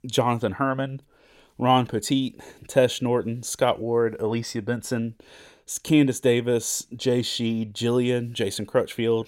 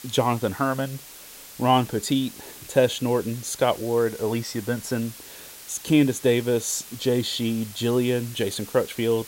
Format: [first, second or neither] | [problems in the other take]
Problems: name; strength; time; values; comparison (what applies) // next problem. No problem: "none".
first | hiss; noticeable; throughout; 15 dB below the speech